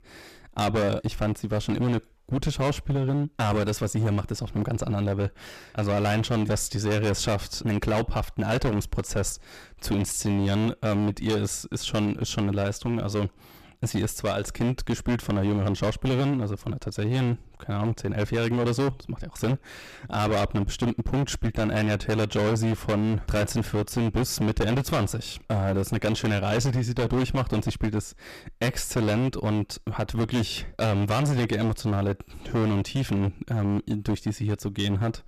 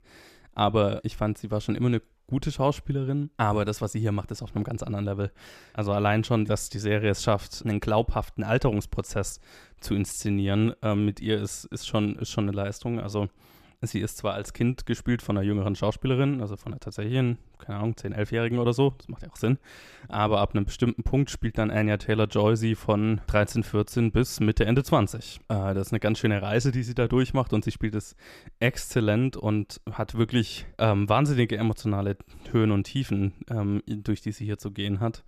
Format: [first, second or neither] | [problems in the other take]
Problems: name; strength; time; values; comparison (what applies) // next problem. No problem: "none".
second | distortion; heavy; 19% of the sound clipped